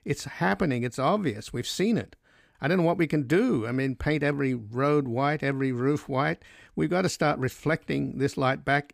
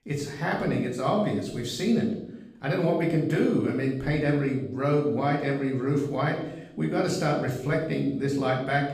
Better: first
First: none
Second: room echo; noticeable; dies away in 0.7 s // off-mic speech; far

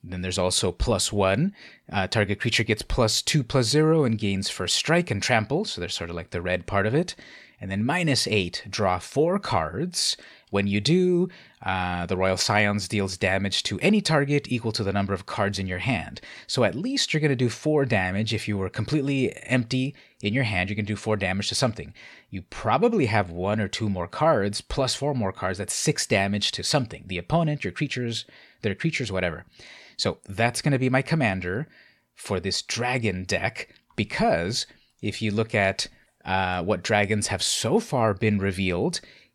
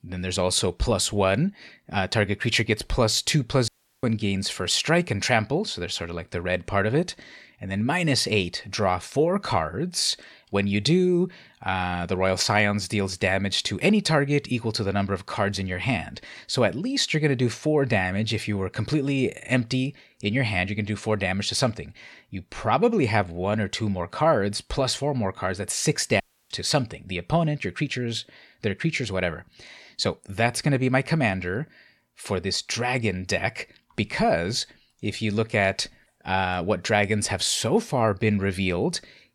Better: first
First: none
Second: audio cutting out; at 3.5 s and at 26 s

